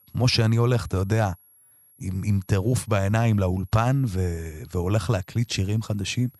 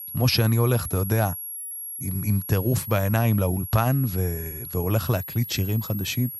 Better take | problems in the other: first | high-pitched whine; loud; throughout; 11.5 kHz, 9 dB below the speech; faint in the first

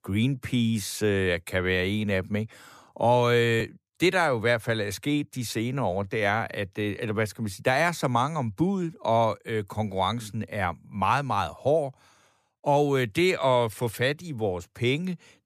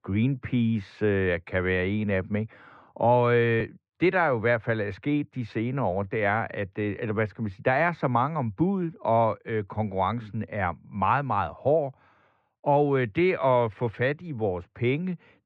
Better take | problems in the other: first | muffled; very; fading above 2.5 kHz

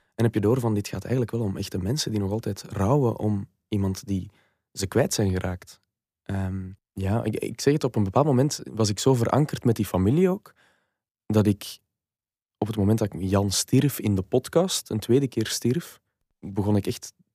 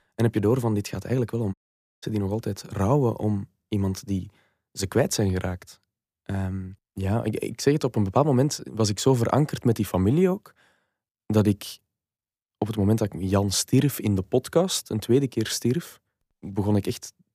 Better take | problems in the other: first | audio cutting out; at 1.5 s

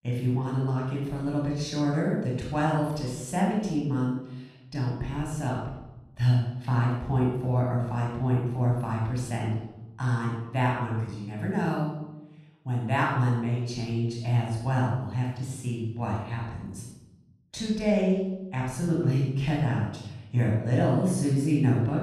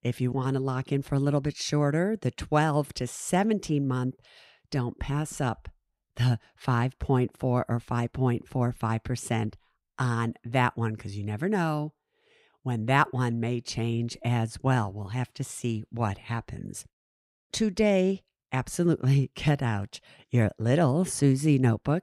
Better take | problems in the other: second | off-mic speech; far // room echo; noticeable; dies away in 0.8 s

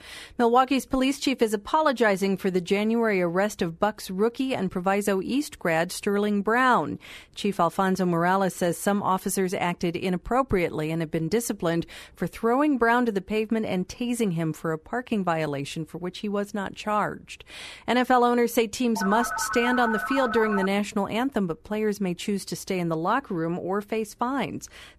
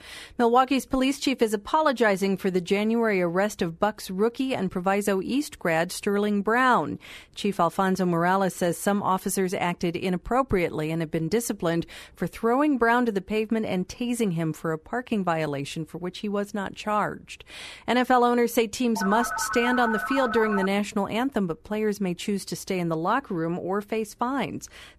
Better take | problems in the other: neither | phone ringing; noticeable; from 19 to 21 s; peak 3 dB below the speech; the same in both

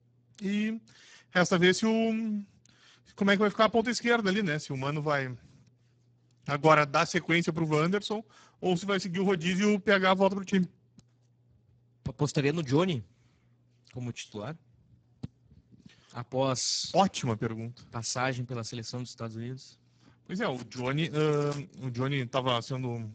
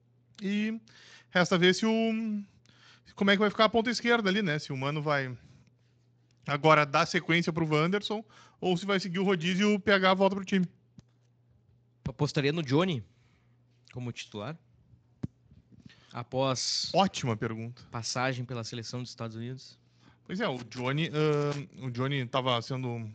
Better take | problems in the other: second | garbled, watery; badly; nothing above 7.5 kHz; slightly in the second

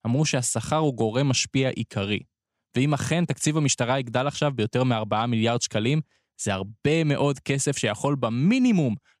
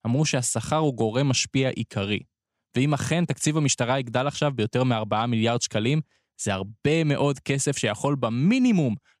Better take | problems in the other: neither | none

